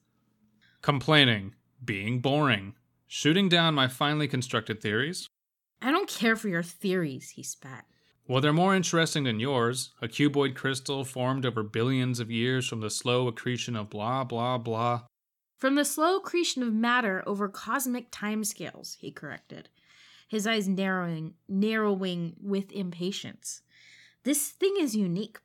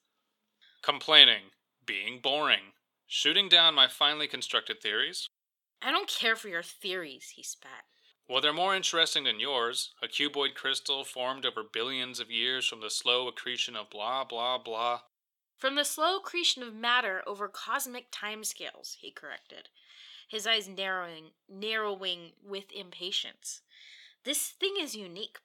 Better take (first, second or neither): first